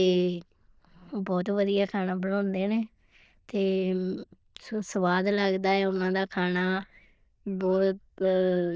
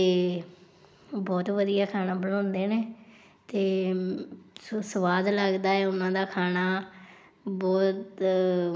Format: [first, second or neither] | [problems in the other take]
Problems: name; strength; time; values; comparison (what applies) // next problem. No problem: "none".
second | noise reduction (neural diffusion model UNIVERSE++)